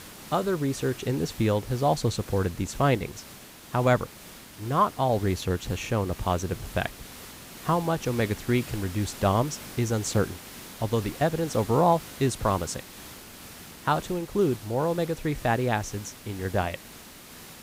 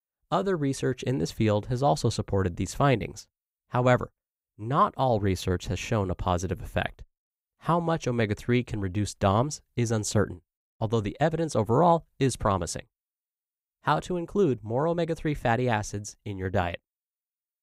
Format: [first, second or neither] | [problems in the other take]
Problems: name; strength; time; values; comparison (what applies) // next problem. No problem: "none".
second | hiss; noticeable; throughout; 15 dB below the speech